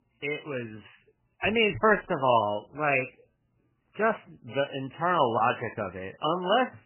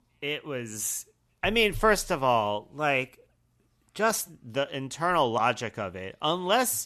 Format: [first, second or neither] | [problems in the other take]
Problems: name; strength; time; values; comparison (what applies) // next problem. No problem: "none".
second | garbled, watery; badly; nothing above 3 kHz